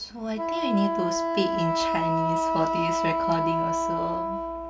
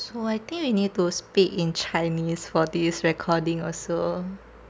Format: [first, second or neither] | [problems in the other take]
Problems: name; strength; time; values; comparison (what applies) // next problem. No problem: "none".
second | background sound (Wind instrument, woodwind instrument); 3 dB above the speech // room echo; dies away in 0.2 s